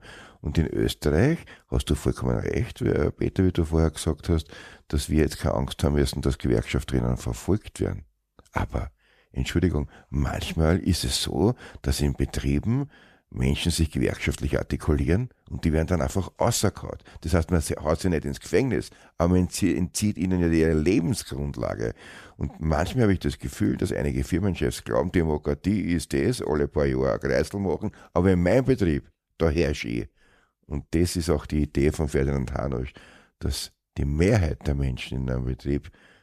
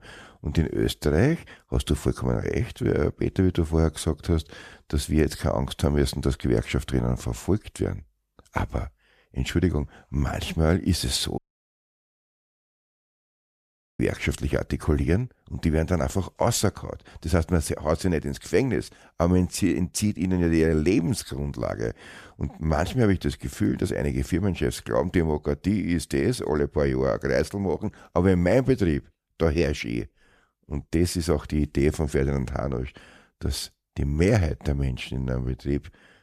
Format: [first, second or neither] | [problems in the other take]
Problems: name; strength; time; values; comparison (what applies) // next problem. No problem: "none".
first | audio cutting out; at 11 s for 2.5 s